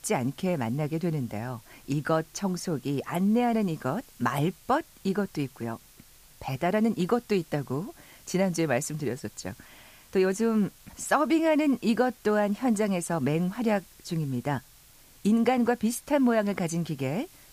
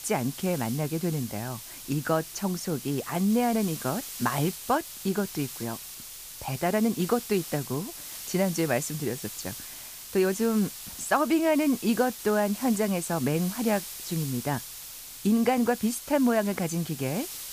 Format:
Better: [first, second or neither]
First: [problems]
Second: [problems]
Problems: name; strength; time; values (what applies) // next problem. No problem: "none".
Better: first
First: hiss; faint; throughout; 25 dB below the speech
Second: hiss; loud; throughout; 10 dB below the speech